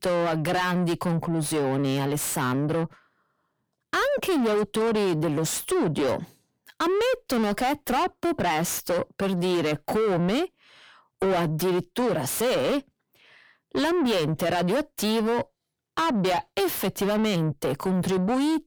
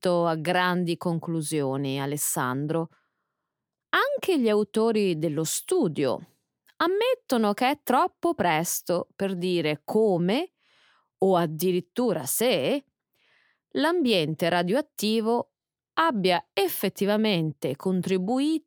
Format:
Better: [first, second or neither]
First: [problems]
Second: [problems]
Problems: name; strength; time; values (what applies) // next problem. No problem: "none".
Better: second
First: distortion; heavy; 7 dB below the speech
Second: none